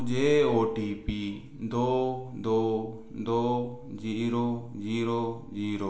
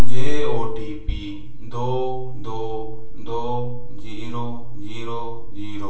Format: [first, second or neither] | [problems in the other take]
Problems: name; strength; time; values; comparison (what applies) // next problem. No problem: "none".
first | room echo; dies away in 0.3 s